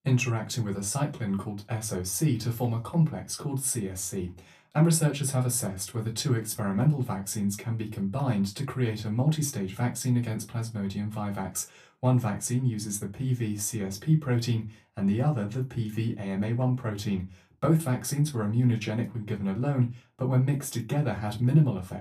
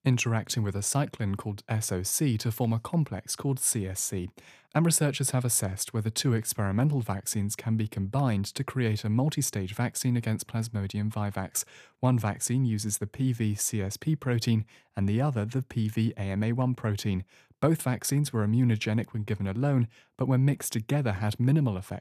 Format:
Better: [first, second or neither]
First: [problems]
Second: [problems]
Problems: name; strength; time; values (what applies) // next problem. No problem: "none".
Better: second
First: off-mic speech; far // room echo; very slight; dies away in 0.2 s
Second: none